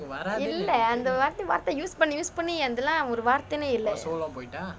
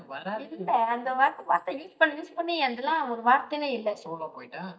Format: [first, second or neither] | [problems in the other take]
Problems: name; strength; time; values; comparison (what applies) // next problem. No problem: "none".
first | noise reduction (neural mask model DeepFilterNet 3)